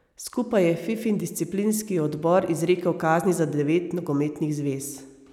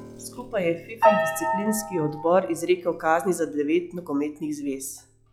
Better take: first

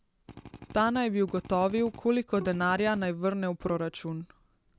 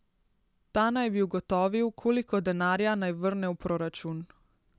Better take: second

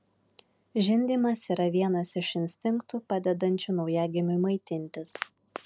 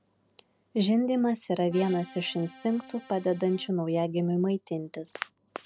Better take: first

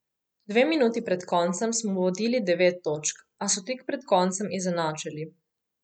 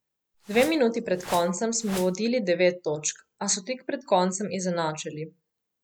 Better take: first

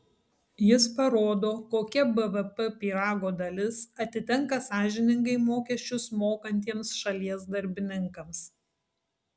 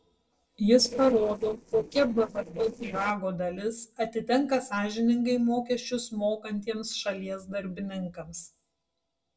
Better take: first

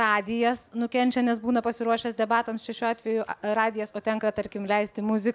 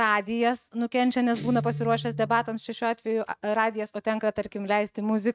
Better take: first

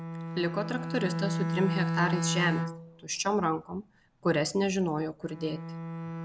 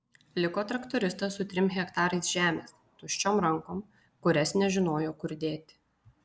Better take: second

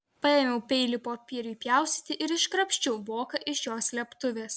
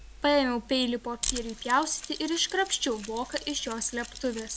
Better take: first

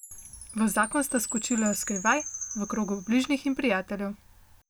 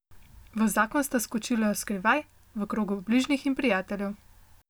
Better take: second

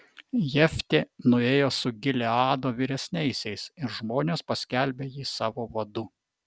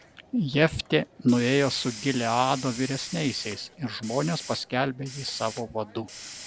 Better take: first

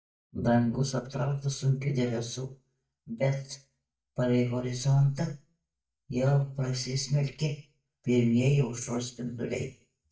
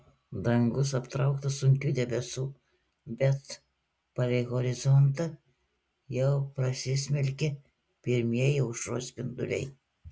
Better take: second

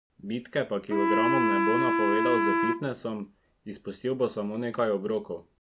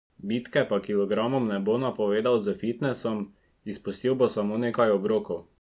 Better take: second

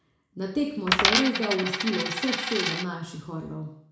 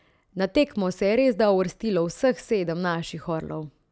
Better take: second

